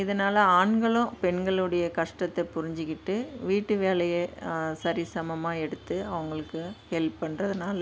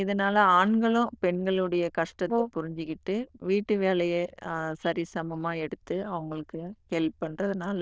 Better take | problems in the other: first | noise reduction (neural diffusion model UNIVERSE++)

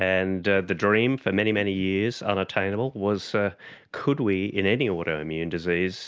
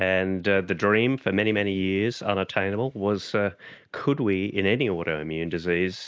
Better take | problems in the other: first | noise reduction (neural mask model Resemble Enhance denoiser)

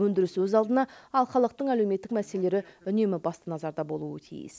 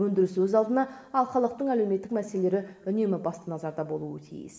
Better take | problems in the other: first | room echo; dies away in 0.8 s

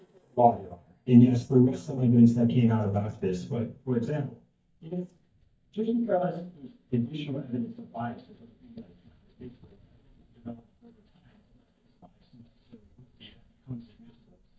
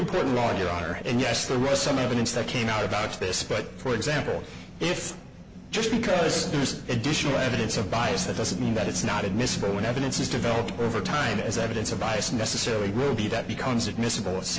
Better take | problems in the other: second | noise reduction (neural mask model DeepFilterNet 3)

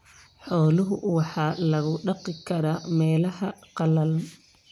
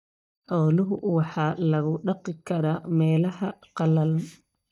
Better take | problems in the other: first | noise reduction (neural mask model DeepFilterNet 3)

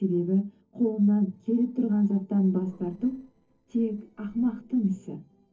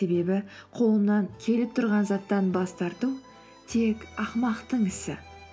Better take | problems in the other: second | noise reduction (neural separator model SepFormer DNS4)

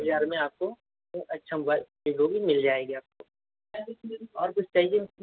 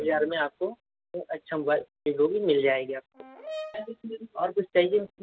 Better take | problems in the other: first | background sound (Brass instrument); 15 dB below the speech

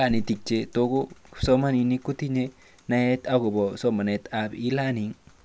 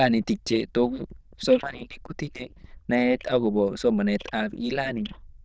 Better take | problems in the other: first | noise reduction (neural diffusion model UNIVERSE++)

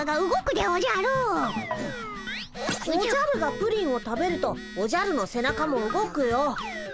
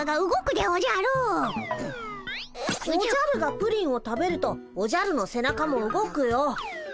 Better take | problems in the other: second | background sound (Telephone); 15 dB below the speech

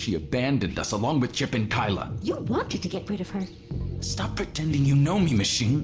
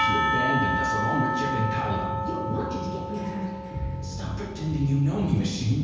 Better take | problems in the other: first | background sound (Church bell / Percussion); 2 dB below the speech // room echo; dies away in 1.2 s

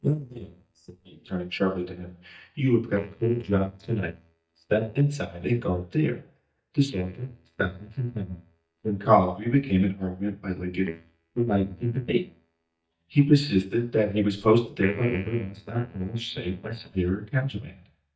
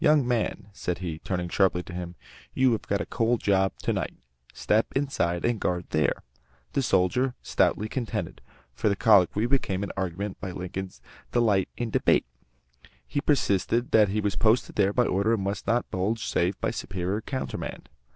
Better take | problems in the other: second | noise reduction (neural mask model DeepFilterNet 3)

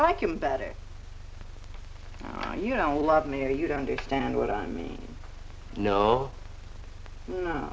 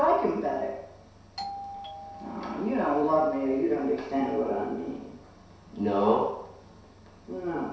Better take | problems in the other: first | background sound (Doorbell); 13 dB below the speech // room echo; dies away in 0.7 s

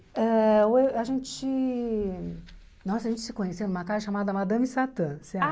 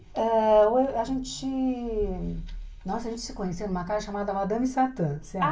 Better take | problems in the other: first | room echo; dies away in 0.3 s

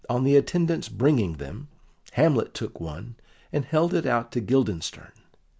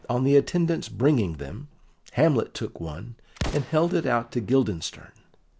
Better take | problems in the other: first | background sound (Explosion); 16 dB below the speech

